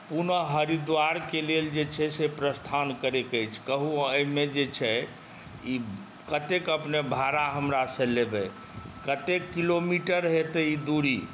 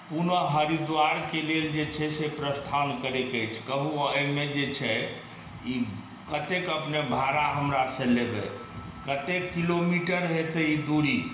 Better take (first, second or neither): first